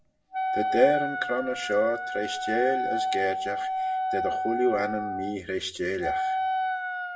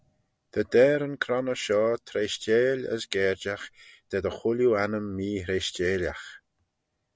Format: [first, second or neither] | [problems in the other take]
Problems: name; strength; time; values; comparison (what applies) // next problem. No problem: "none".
second | background sound (Wind instrument, woodwind instrument); as loud as the speech // room echo; dies away in 0.3 s